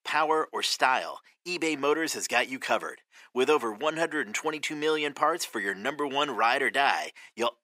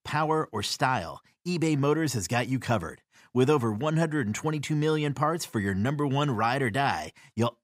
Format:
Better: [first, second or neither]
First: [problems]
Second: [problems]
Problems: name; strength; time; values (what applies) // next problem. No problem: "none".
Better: second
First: thin; very; fading below 350 Hz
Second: none